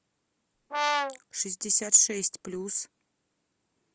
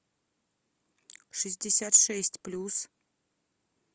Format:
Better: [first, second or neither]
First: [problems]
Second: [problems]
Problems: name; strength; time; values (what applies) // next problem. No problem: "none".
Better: second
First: background sound (Brass instrument); as loud as the speech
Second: none